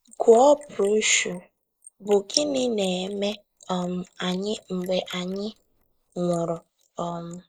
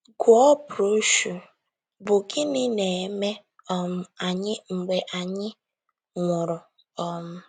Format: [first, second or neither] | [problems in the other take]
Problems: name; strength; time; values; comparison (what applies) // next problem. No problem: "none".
second | noise reduction (neural mask model Resemble Enhance denoiser)